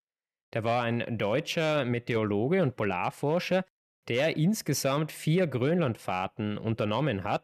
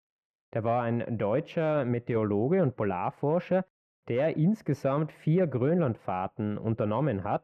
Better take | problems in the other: first | muffled; very; fading above 2.5 kHz

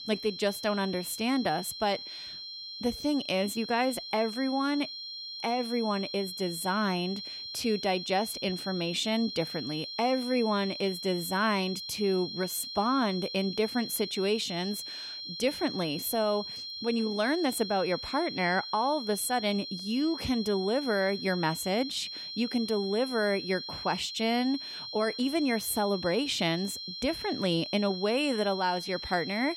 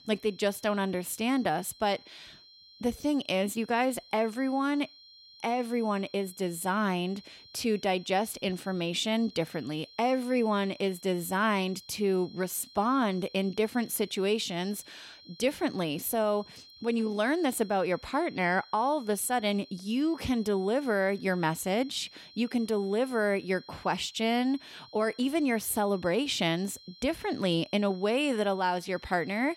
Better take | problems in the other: second | high-pitched whine; loud; throughout; 4 kHz, 7 dB below the speech; faint in the second

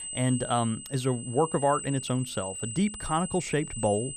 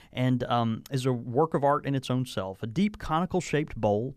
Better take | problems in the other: second | high-pitched whine; loud; throughout; 8 kHz, 8 dB below the speech

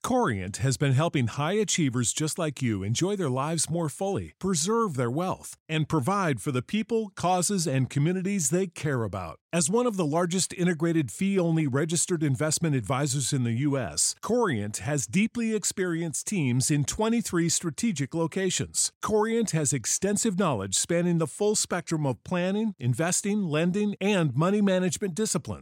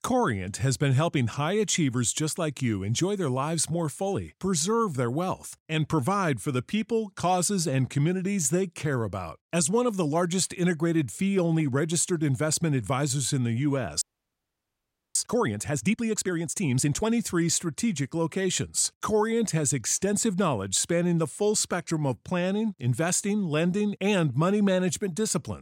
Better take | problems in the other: first | audio freezing; at 14 s for 1 s

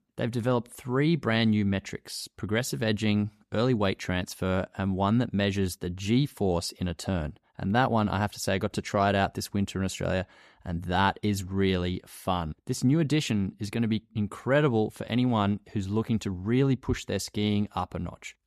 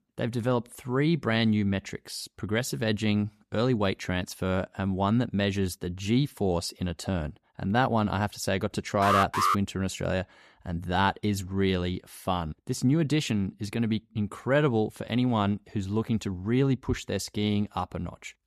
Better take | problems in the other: first | alarm; loud; at 9 s; peak 3 dB above the speech

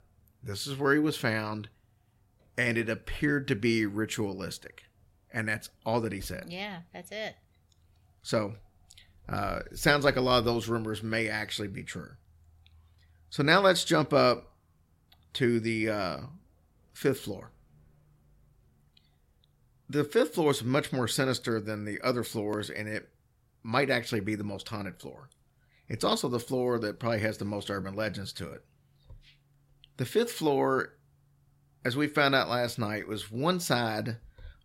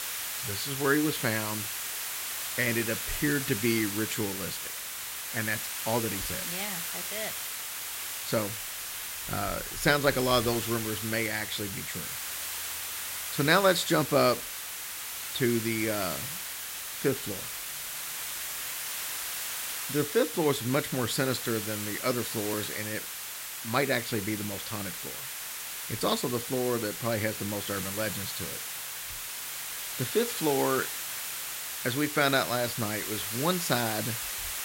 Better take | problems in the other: first | hiss; loud; throughout; 3 dB below the speech

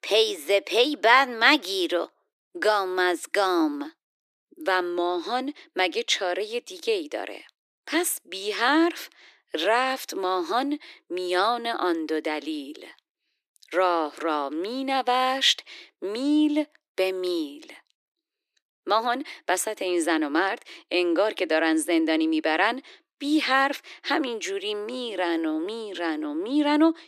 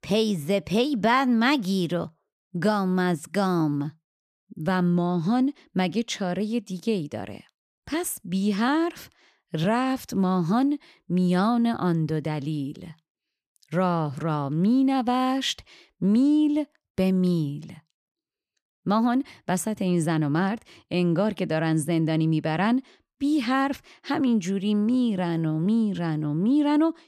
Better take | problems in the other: second | thin; very; fading below 300 Hz

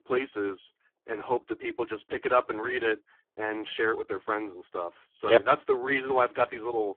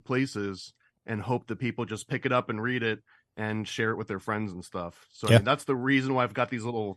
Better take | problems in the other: second | phone-call audio; poor line

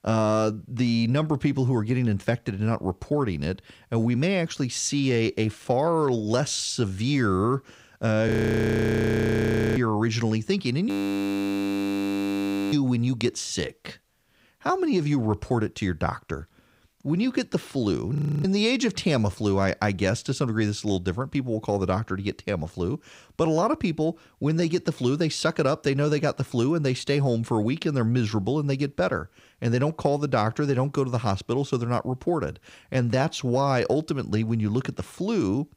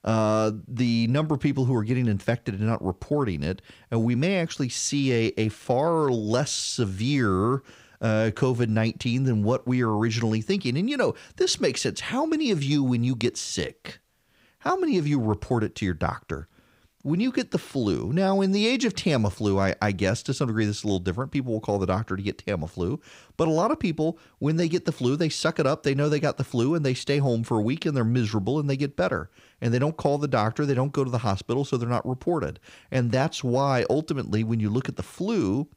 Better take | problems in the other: second | audio freezing; at 8.5 s for 1.5 s, at 11 s for 2 s and at 18 s

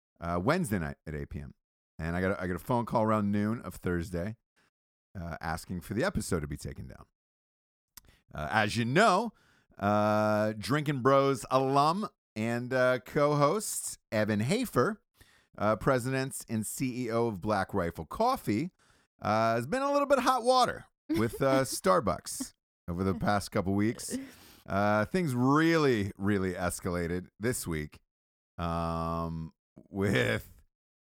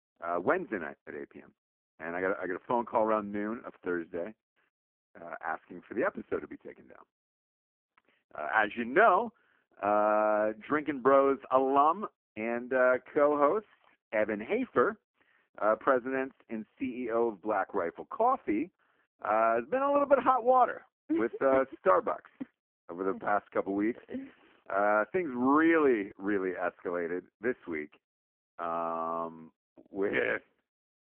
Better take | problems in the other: first | phone-call audio; poor line

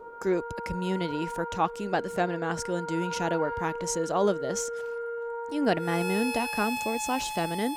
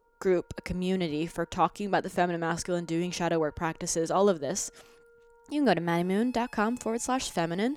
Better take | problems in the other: second | background music; loud; throughout; 5 dB below the speech; faint in the second

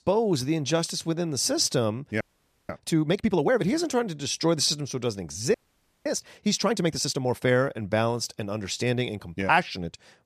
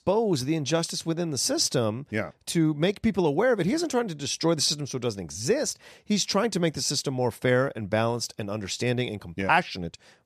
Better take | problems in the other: second | audio freezing; at 2 s and at 5.5 s for 0.5 s

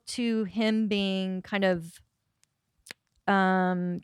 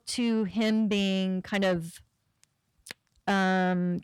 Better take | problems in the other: first | distortion; slight; 10 dB below the speech

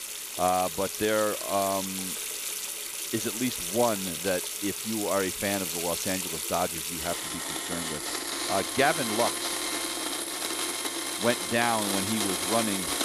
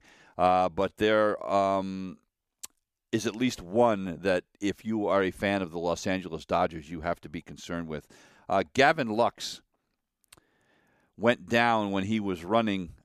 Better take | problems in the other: second | household noises; loud; throughout; as loud as the speech

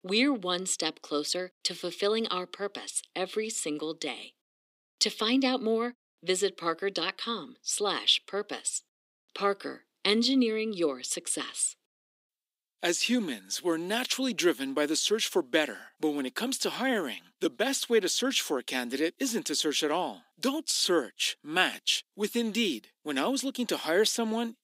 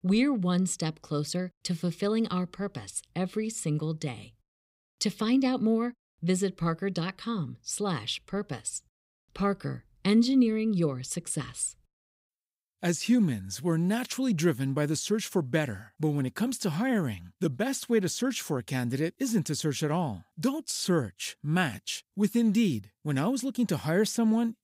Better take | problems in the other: second | thin; somewhat; fading below 300 Hz

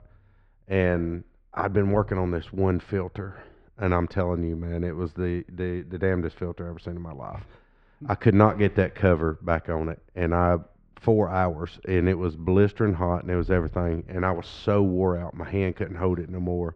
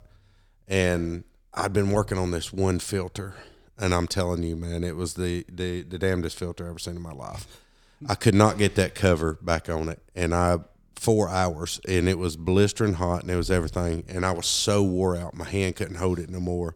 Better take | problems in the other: second | muffled; very; fading above 2 kHz

